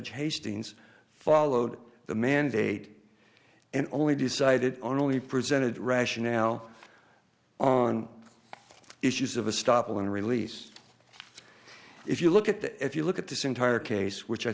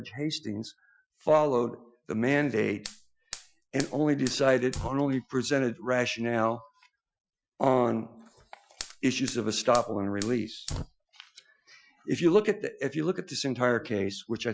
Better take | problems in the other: first | noise reduction (classical method Wiener filter)

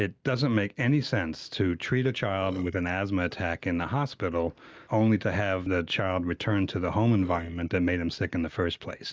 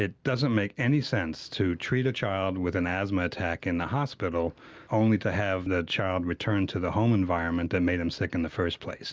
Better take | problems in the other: second | noise reduction (neural mask model DeepFilterNet 3)

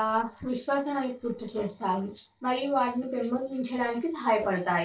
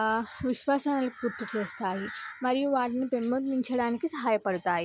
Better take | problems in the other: second | noise reduction (neural separator model SepFormer DNS4)

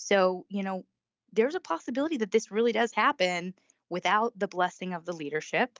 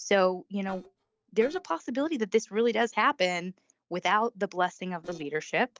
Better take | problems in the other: first | noise reduction (neural separator model SepFormer DNS4)

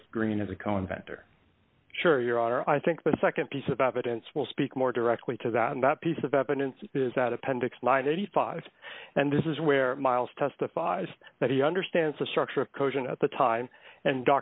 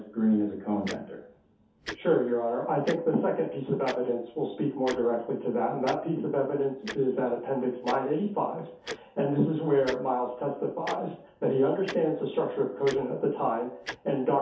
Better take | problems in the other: first | background sound (Tick-tock); 17 dB below the speech // room echo; dies away in 0.5 s

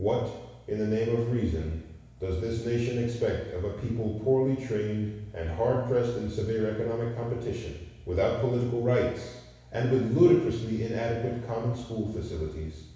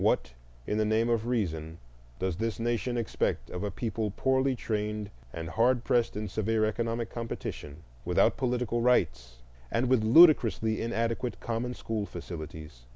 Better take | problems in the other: second | room echo; dies away in 1.1 s

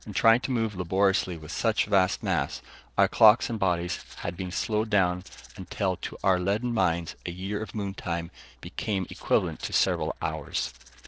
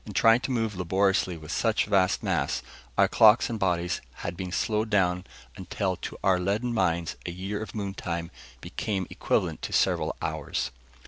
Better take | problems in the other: second | noise reduction (neural separator model SepFormer DNS4)

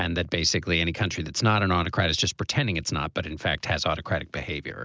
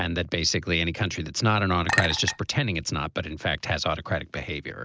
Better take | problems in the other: first | background sound (Chink, clink); 4 dB below the speech

